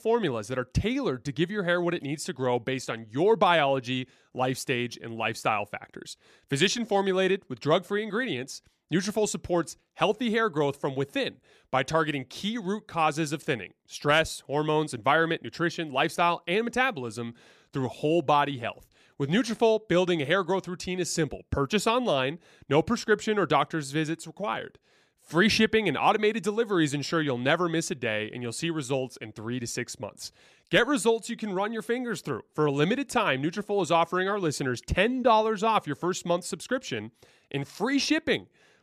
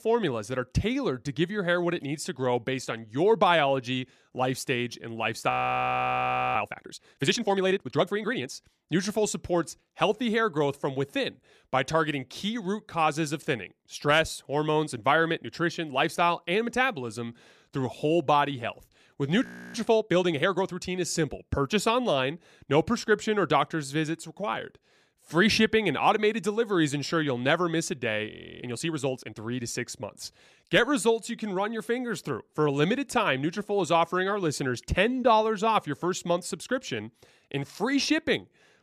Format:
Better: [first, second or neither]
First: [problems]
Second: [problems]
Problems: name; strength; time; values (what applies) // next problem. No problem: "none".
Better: first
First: none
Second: audio freezing; at 5.5 s for 1 s, at 19 s and at 28 s